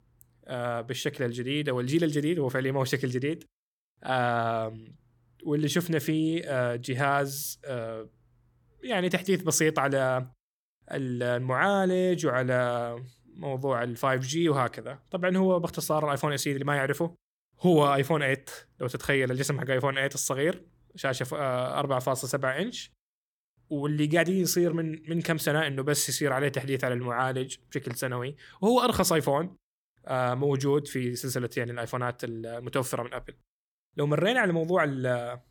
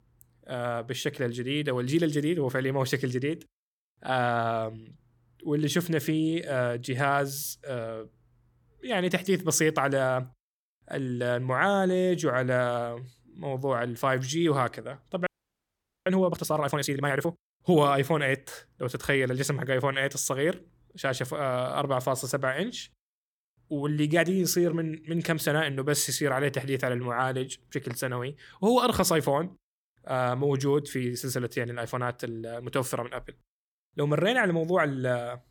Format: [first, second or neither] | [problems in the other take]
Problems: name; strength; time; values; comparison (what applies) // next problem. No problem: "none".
first | audio freezing; at 15 s for 1 s